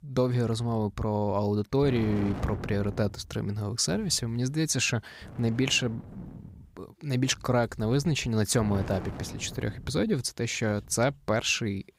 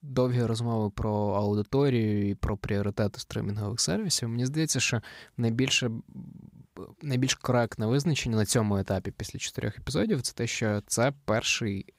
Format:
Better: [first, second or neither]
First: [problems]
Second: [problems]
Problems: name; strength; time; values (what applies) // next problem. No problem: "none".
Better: second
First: wind noise on the microphone; occasional gusts; 15 dB below the speech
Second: none